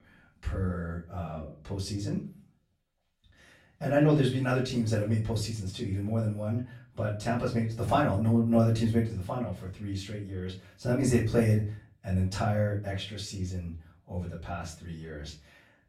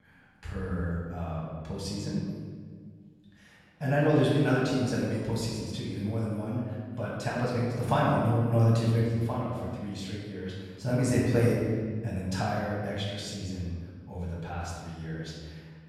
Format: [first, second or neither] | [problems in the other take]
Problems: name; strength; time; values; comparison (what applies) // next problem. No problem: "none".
first | room echo; strong; dies away in 1.6 s; slight in the first // off-mic speech; far; far in the first